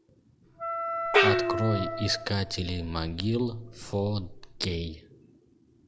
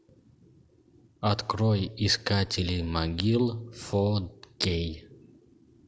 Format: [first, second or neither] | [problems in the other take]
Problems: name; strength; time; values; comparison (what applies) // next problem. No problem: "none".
second | background sound (Wind instrument, woodwind instrument + Gong); 1 dB above the speech